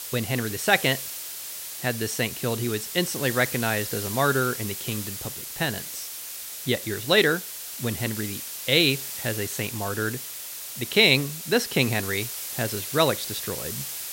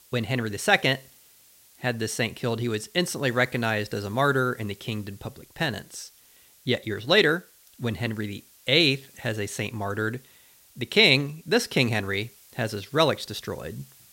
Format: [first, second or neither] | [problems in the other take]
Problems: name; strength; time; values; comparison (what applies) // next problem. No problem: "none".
second | hiss; loud; throughout; 7 dB below the speech; faint in the second